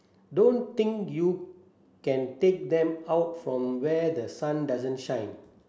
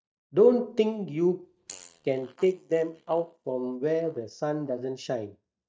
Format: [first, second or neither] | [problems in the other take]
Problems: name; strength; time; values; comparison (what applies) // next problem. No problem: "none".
first | noise reduction (neural mask model DeepFilterNet 3)